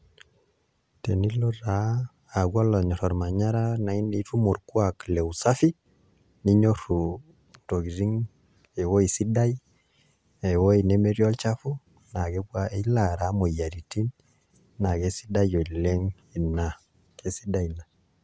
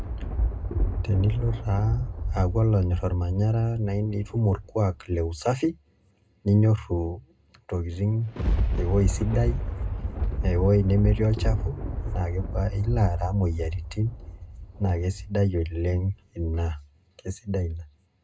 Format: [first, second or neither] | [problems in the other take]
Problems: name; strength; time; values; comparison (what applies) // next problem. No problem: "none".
first | background sound (Thunder); 4 dB below the speech // room echo; dies away in 0.2 s